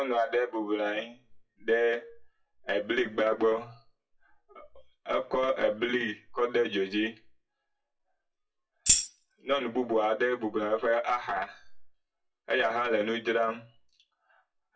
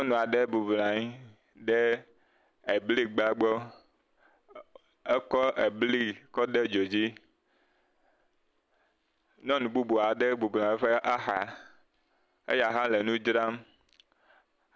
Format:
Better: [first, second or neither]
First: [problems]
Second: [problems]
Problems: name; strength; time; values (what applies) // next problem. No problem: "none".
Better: second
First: noise reduction (classical method WPE with log-MMSE)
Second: none